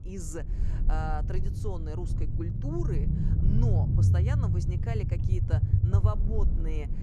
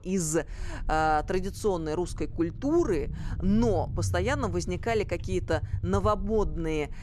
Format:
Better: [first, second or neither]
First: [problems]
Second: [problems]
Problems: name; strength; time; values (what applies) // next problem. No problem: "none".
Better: second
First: low rumble; loud; throughout; 1 dB below the speech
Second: low rumble; faint; throughout; 20 dB below the speech